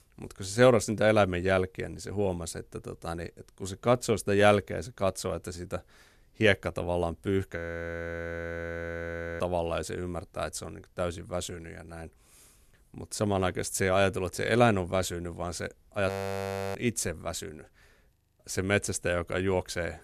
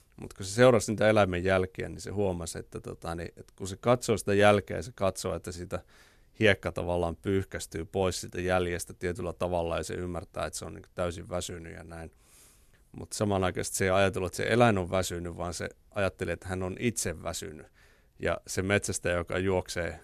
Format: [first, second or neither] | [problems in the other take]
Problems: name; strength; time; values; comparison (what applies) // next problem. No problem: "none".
second | audio freezing; at 7.5 s for 2 s, at 16 s for 0.5 s and at 18 s